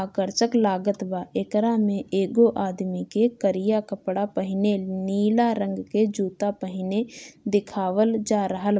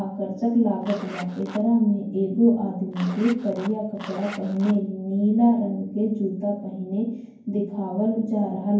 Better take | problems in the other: first | background sound (Zipper (clothing)); 16 dB below the speech // room echo; dies away in 0.9 s

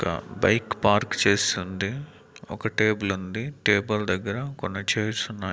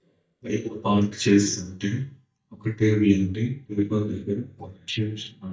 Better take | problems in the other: first | noise reduction (neural mask model DeepFilterNet 3)

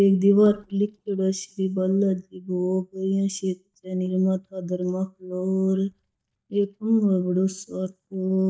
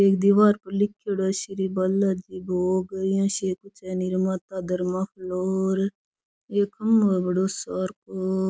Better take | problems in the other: second | noise reduction (neural mask model DeepFilterNet 3)

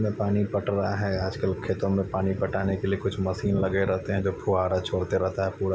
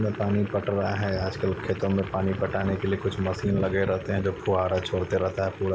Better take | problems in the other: first | background sound (Boiling); 17 dB below the speech

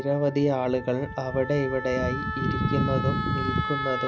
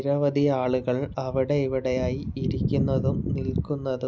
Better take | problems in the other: second | background sound (Wind instrument, woodwind instrument); 7 dB below the speech

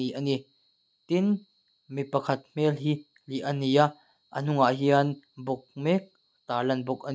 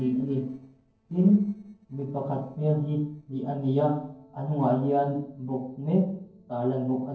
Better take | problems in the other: first | noise reduction (neural separator model SepFormer DNS4)

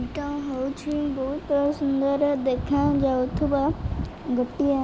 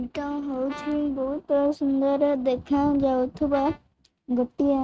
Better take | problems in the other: first | noise reduction (neural mask model RNNoise)

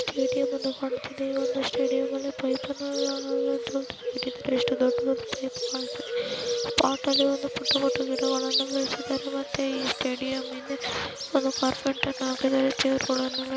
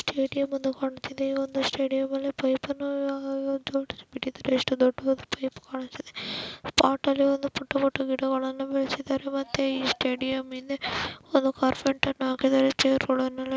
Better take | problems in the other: second | background sound (Bird); 3 dB below the speech

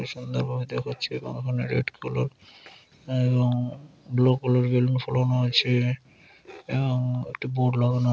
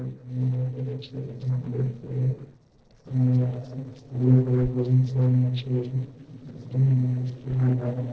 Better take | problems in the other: first | noise reduction (neural separator model SepFormer DNS4)

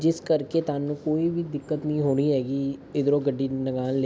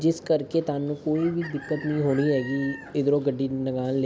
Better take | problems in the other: first | background sound (Chicken, rooster); 18 dB below the speech

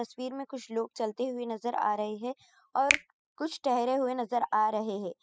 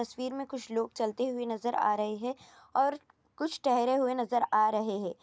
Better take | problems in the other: second | noise reduction (classical method spectral subtraction)

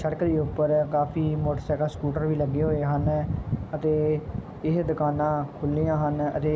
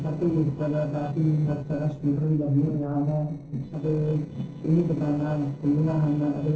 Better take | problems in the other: first | noise reduction (neural separator model SepFormer DNS4)

